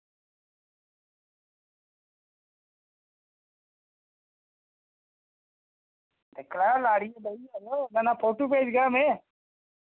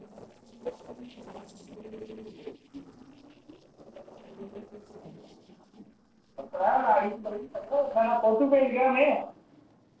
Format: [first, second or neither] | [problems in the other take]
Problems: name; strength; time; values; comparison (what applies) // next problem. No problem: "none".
first | noise reduction (neural separator model SepFormer DNS4)